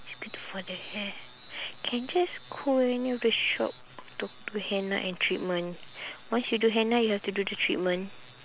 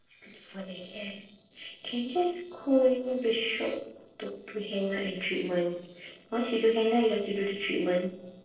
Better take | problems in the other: first | noise reduction (neural separator model SepFormer DNS4)

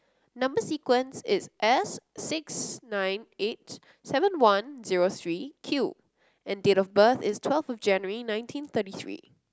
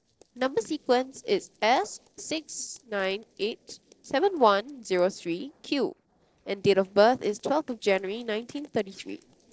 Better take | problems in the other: first | noise reduction (neural separator model SepFormer DNS4)

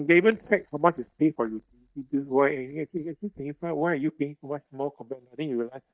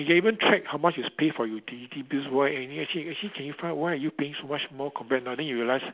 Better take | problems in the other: second | noise reduction (neural mask model DeepFilterNet 3)

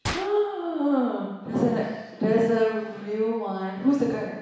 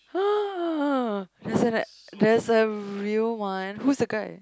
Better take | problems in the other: second | background sound (Gunshot, gunfire); 14 dB below the speech // room echo; dies away in 1.1 s

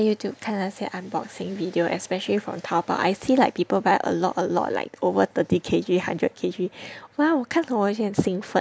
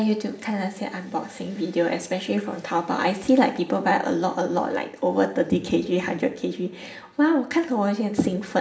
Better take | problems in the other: first | room echo; dies away in 1.7 s

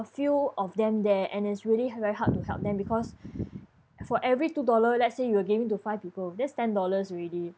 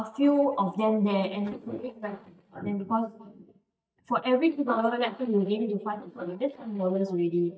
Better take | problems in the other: first | noise reduction (neural mask model DeepFilterNet 3)

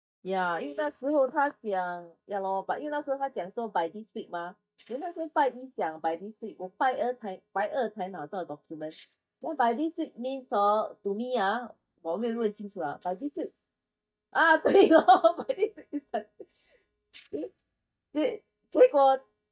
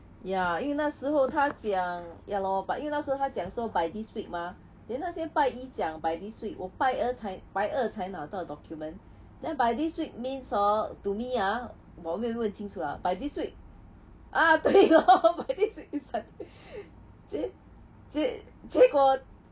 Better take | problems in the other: second | noise reduction (neural mask model DeepFilterNet 3)

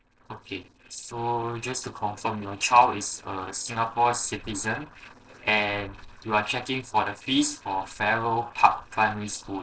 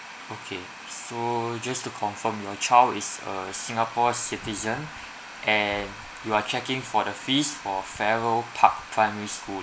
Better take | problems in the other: second | noise reduction (neural separator model SepFormer DNS4)

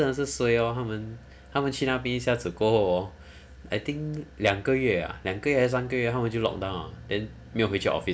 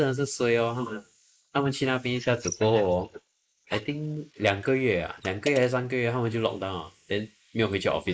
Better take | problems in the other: first | noise reduction (neural mask model Resemble Enhance denoiser)

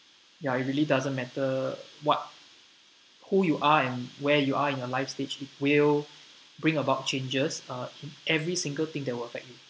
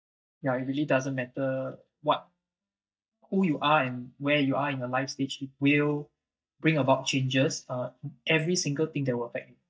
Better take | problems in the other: first | noise reduction (neural mask model DeepFilterNet 3)

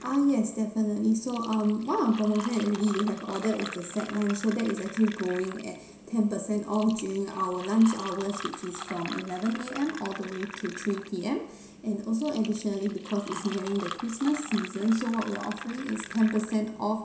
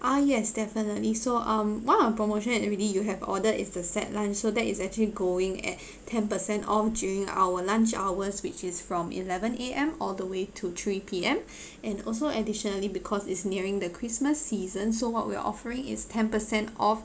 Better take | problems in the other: second | background sound (Fill (with liquid)); 14 dB below the speech // room echo; dies away in 0.7 s

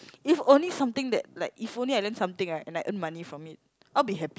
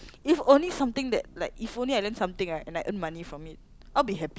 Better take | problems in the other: first | background sound (Bird / Breathing); 20 dB below the speech

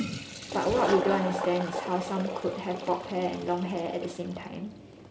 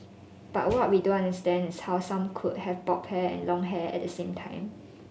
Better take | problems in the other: second | background sound (Toilet flush); 5 dB below the speech

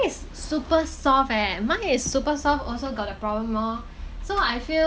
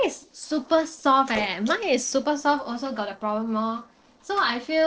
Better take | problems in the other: first | noise reduction (neural separator model SepFormer DNS4)

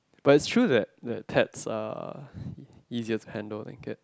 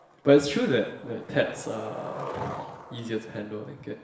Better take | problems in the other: first | background sound (Skateboard); 13 dB below the speech // room echo; dies away in 0.8 s

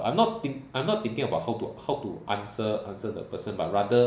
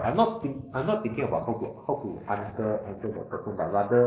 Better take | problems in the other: first | noise reduction (neural mask model Resemble Enhance denoiser)

